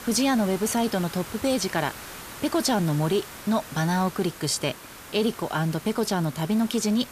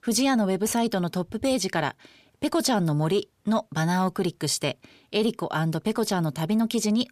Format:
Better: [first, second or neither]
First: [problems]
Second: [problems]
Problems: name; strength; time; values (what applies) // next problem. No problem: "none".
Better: second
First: hiss; noticeable; throughout; 15 dB below the speech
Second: none